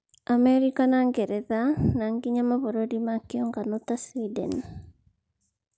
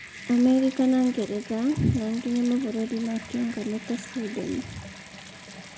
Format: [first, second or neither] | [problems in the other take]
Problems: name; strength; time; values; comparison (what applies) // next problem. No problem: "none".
first | background sound (Bathtub (filling or washing) / Water tap, faucet); 16 dB below the speech // room echo; dies away in 0.7 s